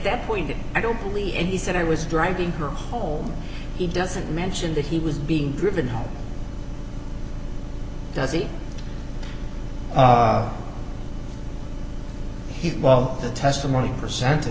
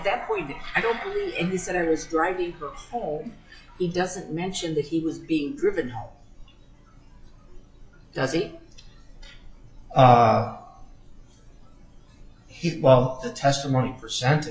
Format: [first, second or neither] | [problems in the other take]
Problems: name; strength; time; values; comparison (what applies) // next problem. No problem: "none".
first | noise reduction (classical method log-MMSE)